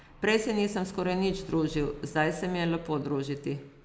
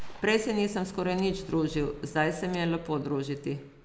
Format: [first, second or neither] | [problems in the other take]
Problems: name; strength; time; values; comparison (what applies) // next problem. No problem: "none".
first | background sound (Gunshot, gunfire); 18 dB below the speech